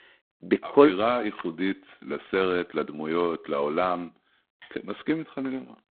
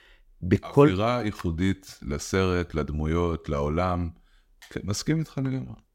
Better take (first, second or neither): second